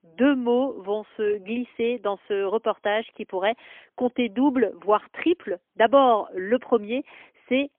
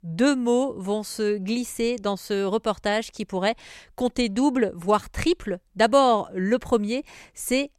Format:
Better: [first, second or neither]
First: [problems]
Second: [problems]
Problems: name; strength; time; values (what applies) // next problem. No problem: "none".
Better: second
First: phone-call audio; poor line; nothing above 3.5 kHz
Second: none